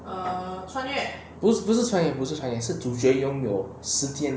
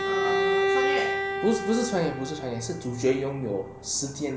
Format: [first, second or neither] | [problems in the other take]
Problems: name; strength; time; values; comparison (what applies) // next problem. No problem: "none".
first | background sound (Bowed string instrument); as loud as the speech